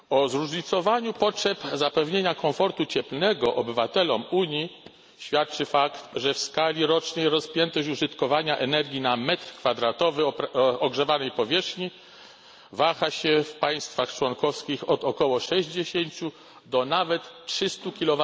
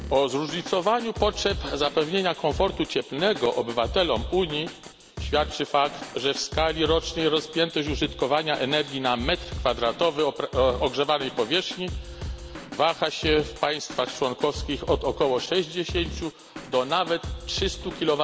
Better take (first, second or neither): first